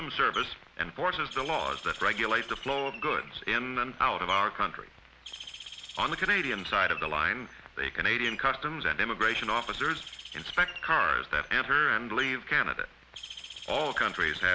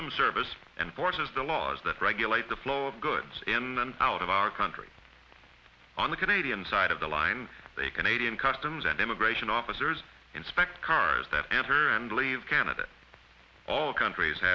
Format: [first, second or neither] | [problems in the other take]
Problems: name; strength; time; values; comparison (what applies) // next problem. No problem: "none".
second | background sound (Bird); 15 dB below the speech